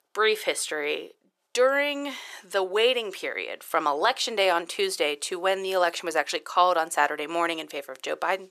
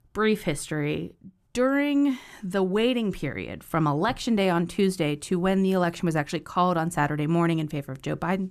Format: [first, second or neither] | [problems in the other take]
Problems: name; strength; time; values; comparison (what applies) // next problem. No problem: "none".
second | thin; very; fading below 450 Hz